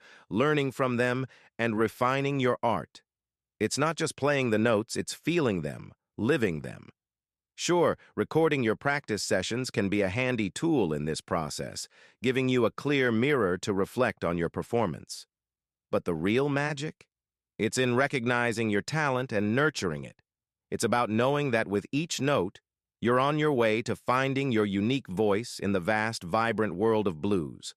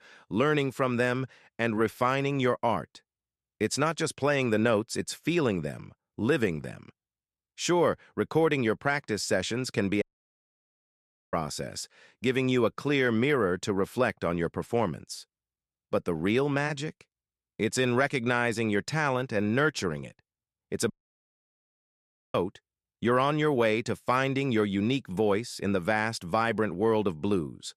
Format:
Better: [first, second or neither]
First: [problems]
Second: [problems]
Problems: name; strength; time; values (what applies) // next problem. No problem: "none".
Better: first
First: none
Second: audio cutting out; at 10 s for 1.5 s and at 21 s for 1.5 s